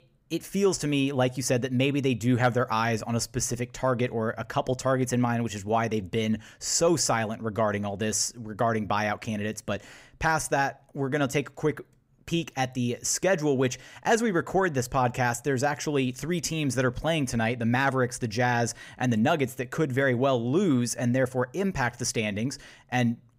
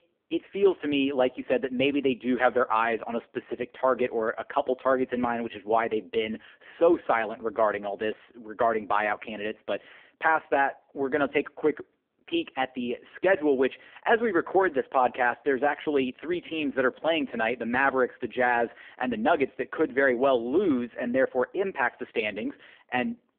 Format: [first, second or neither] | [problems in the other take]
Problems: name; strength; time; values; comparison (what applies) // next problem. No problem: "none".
first | phone-call audio; poor line